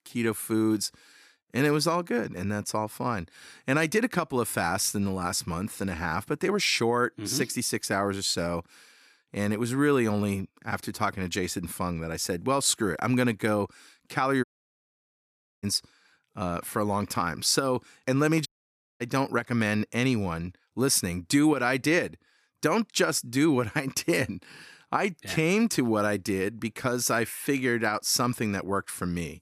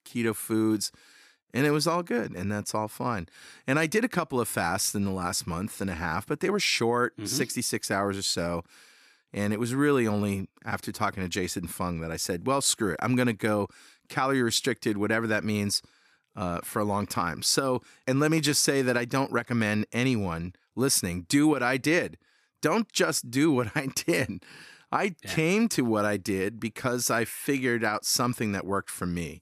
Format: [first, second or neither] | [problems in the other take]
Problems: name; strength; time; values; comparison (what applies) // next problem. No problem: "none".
second | audio cutting out; at 14 s for 1 s and at 18 s for 0.5 s